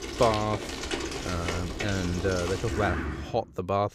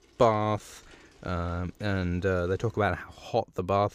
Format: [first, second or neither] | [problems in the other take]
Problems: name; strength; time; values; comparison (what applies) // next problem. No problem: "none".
second | traffic noise; loud; until 3 s; 4 dB below the speech; faint in the second